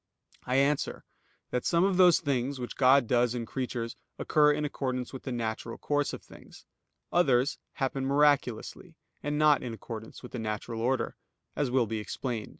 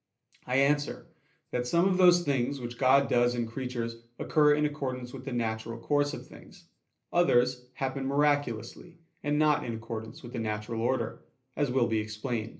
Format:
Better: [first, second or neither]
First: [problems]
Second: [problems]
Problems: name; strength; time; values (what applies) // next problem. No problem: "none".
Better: first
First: none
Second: room echo; dies away in 0.3 s